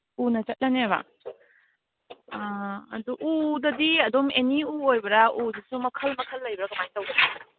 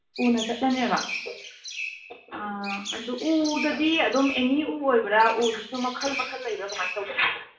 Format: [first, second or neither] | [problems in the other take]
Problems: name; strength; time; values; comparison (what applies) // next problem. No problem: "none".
first | background sound (Chirp, tweet); 11 dB below the speech // room echo; dies away in 0.5 s